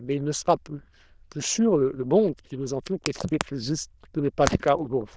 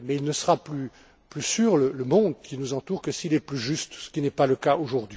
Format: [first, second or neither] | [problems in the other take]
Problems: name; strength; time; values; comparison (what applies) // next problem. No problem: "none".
second | noise reduction (neural diffusion model UNIVERSE++)